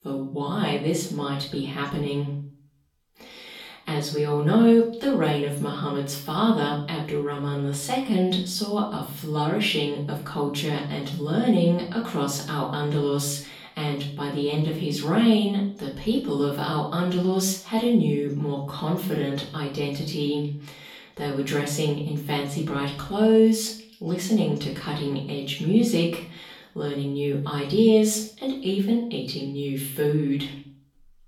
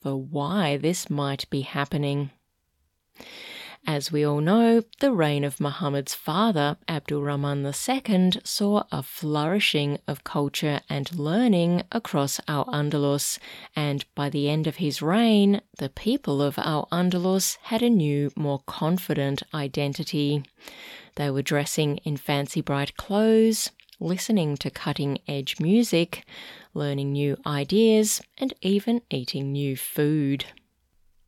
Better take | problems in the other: second | room echo; slight; dies away in 0.4 s // off-mic speech; far

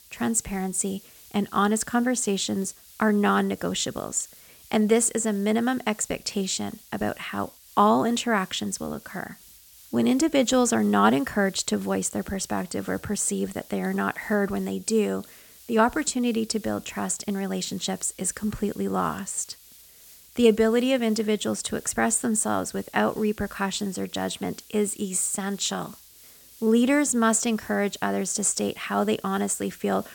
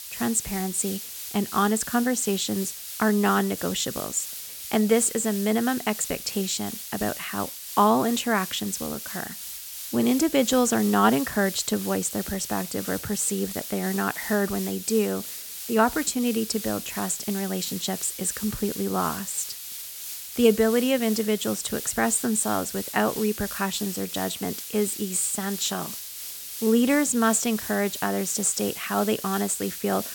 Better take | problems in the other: first | hiss; loud; throughout; 8 dB below the speech; faint in the first

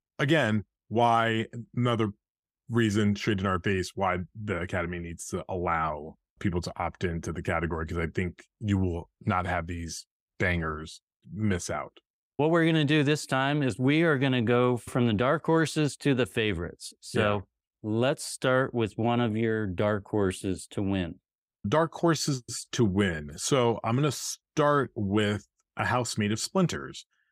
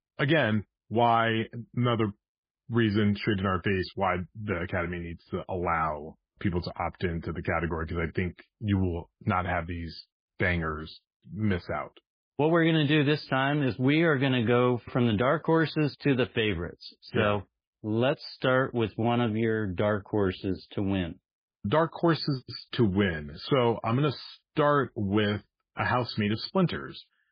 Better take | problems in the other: first | garbled, watery; badly; nothing above 4.5 kHz

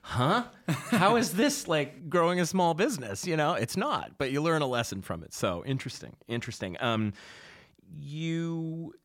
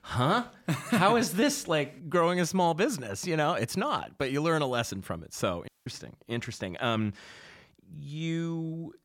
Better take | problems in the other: first | audio cutting out; at 5.5 s

